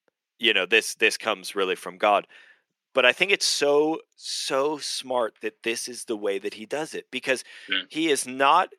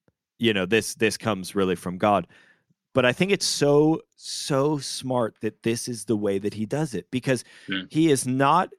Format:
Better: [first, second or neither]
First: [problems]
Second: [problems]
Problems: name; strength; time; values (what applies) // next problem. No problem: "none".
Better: second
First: thin; somewhat; fading below 500 Hz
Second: none